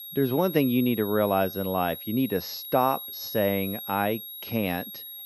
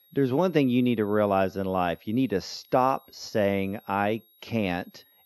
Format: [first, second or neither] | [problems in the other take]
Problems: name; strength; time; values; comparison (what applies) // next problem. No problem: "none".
second | high-pitched whine; loud; throughout; 11.5 kHz, 9 dB below the speech; faint in the second